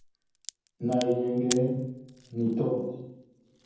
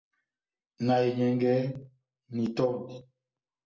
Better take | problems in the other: second | background sound (Crack); 13 dB below the speech // room echo; dies away in 0.9 s

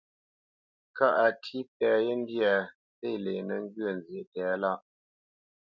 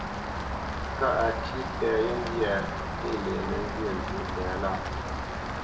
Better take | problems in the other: first | background sound (Rain); 1 dB below the speech // room echo; dies away in 1 s

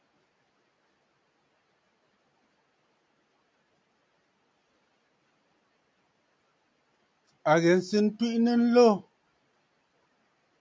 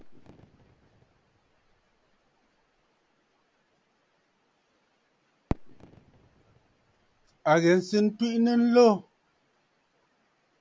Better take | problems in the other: first | background sound (Fireworks); 17 dB below the speech

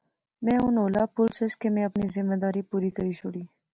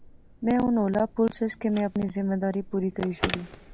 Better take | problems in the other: first | background sound (Telephone); 12 dB below the speech

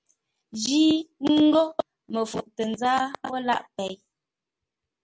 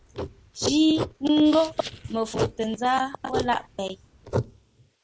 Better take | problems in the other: first | noise reduction (neural mask model Resemble Enhance denoiser)

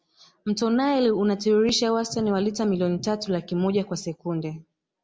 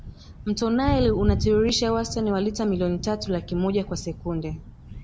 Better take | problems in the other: first | background sound (Thunder); 7 dB below the speech

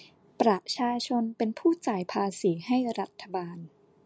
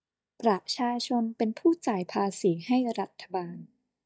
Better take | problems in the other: first | noise reduction (neural mask model DeepFilterNet 3)

